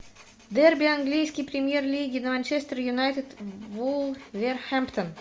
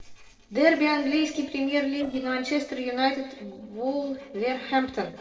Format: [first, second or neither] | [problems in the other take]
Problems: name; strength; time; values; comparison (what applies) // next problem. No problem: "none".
first | noise reduction (neural separator model SepFormer DNS4)